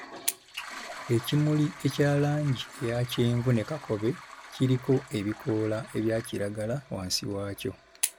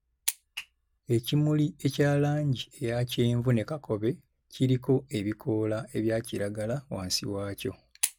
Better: second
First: background sound (Toilet flush); 17 dB below the speech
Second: none

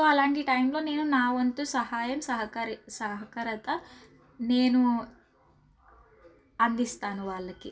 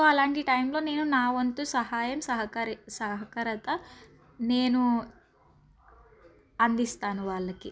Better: second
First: room echo; dies away in 0.2 s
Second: none

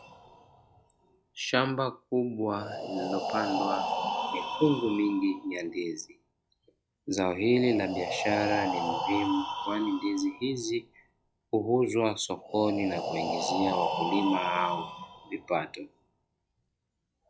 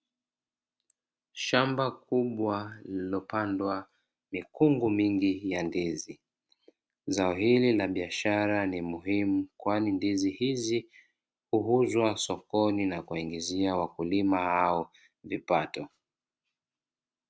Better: second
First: noise reduction (classical method log-MMSE)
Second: none

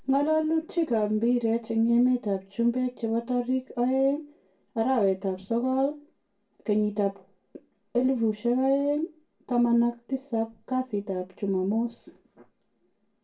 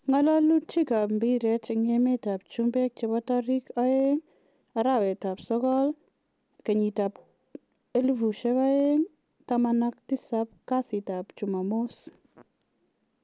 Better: second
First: room echo; dies away in 0.2 s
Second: none

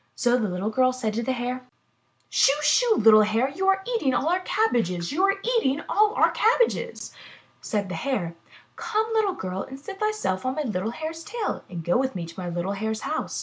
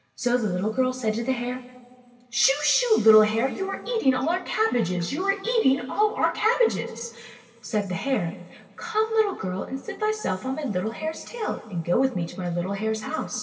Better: first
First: none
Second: room echo; dies away in 2.6 s

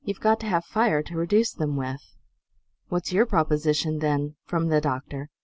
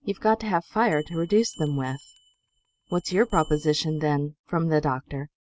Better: first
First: none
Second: noise reduction (neural mask model RNNoise)

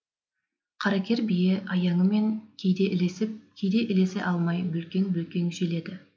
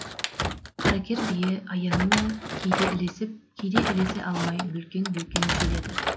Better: first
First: none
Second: background sound (Thump, thud); 1 dB below the speech

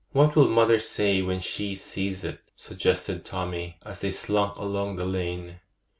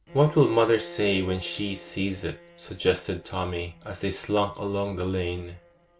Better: first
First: none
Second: background sound (Bowed string instrument); 20 dB below the speech

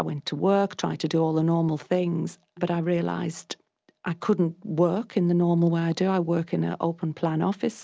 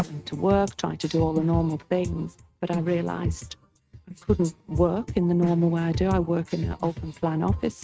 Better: first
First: none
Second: noise reduction (neural mask model RNNoise)

